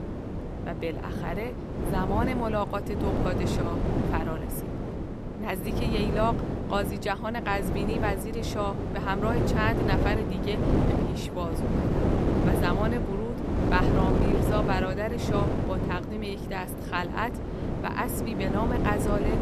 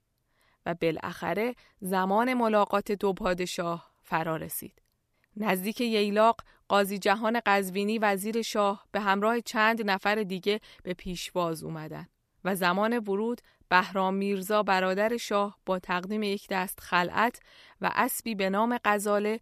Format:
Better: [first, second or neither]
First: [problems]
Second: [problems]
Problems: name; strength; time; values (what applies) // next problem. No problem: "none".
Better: second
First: wind noise on the microphone; heavy; 2 dB below the speech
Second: none